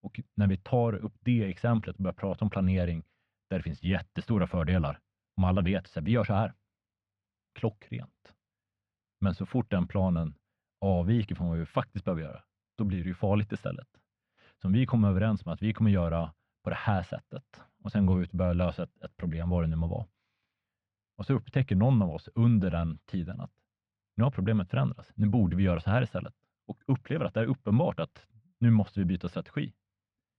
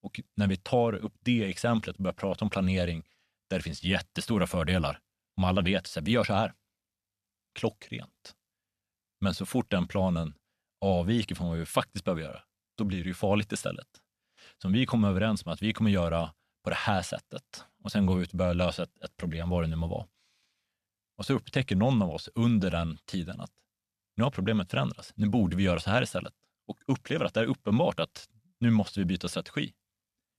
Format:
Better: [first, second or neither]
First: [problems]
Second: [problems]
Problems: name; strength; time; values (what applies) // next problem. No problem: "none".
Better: second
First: muffled; slightly; fading above 2 kHz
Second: none